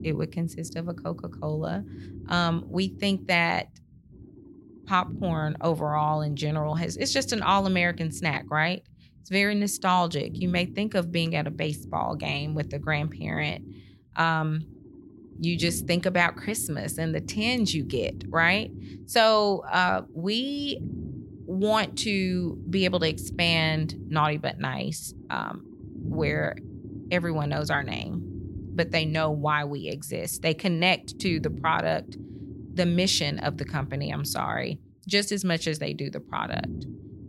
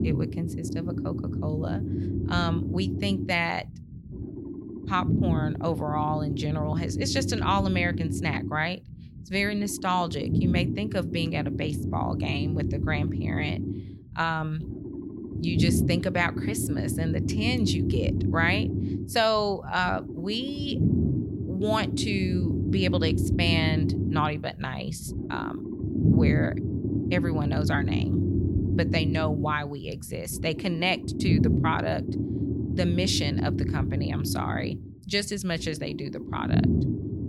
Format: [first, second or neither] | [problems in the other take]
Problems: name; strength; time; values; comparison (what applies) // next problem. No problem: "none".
first | low rumble; loud; throughout; 6 dB below the speech; faint in the first